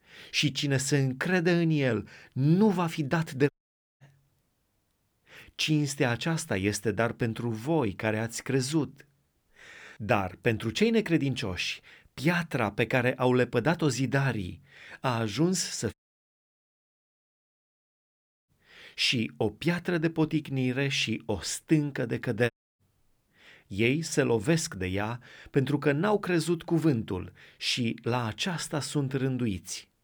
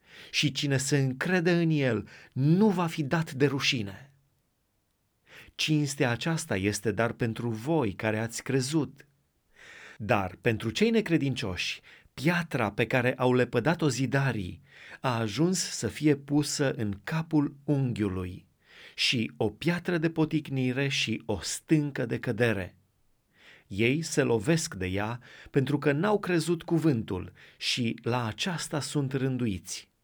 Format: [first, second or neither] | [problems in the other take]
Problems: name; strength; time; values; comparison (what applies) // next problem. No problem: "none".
second | audio cutting out; at 3.5 s for 0.5 s, at 16 s for 2.5 s and at 23 s